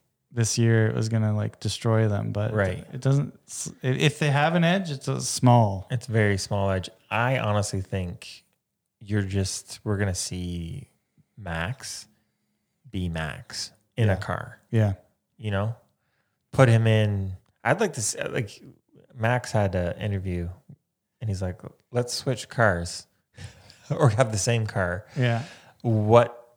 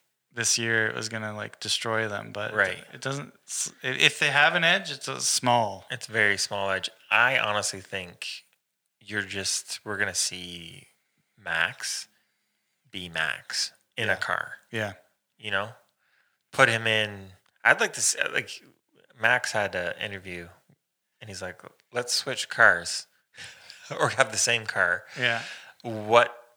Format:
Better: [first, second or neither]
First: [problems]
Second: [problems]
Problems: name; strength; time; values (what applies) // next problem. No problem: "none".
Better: first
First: none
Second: thin; very; fading below 1 kHz